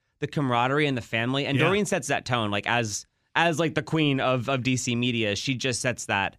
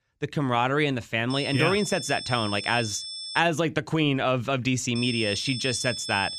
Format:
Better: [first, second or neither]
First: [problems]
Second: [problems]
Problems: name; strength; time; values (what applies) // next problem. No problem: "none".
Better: first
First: none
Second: high-pitched whine; loud; from 1.5 to 3.5 s and from 5 s on; 5.5 kHz, 8 dB below the speech